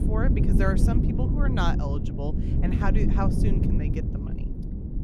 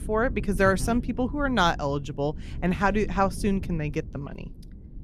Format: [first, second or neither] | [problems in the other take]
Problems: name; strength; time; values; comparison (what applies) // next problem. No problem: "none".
second | low rumble; loud; throughout; 3 dB below the speech; faint in the second